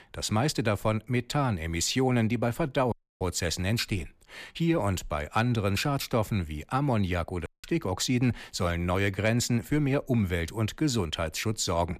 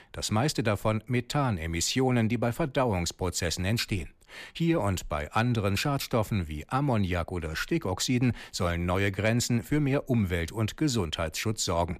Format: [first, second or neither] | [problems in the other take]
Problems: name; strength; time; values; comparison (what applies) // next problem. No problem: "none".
second | audio cutting out; at 3 s and at 7.5 s